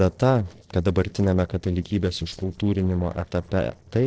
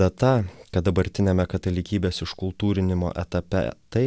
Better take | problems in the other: second | noise reduction (neural separator model SepFormer DNS4)

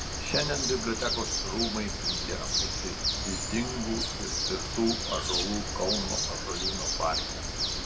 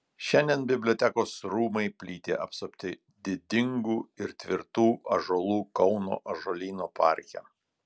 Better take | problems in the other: second | background sound (Bird); 2 dB above the speech // room echo; dies away in 1.1 s

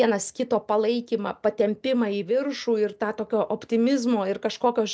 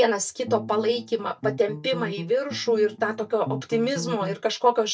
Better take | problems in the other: first | noise reduction (neural mask model DeepFilterNet 3)

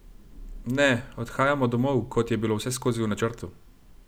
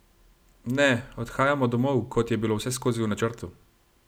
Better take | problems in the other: second | background sound (Thunder / Rain); 19 dB below the speech

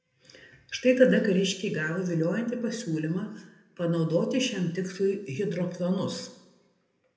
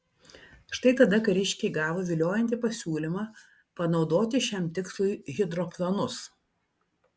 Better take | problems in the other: second | room echo; dies away in 0.7 s

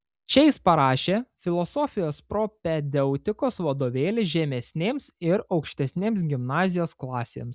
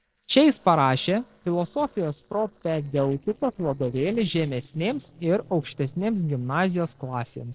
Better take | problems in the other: first | noise reduction (neural separator model SepFormer DNS4)

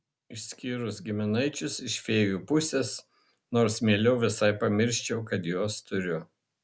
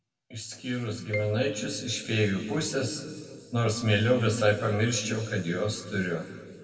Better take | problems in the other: first | background sound (Marimba, xylophone); 14 dB below the speech // room echo; dies away in 2.1 s

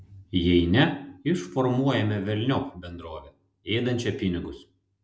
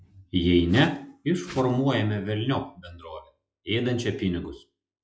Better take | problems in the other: first | noise reduction (classical method log-MMSE)

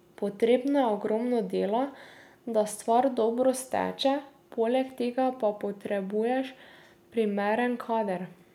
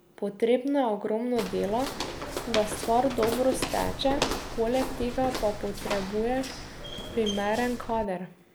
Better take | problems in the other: first | background sound (Walk, footsteps); 7 dB below the speech

